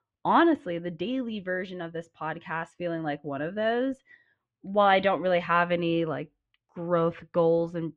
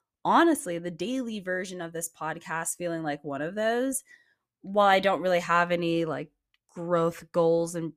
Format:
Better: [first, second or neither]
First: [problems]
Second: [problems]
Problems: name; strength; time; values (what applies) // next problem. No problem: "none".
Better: second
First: muffled; very; fading above 3 kHz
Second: none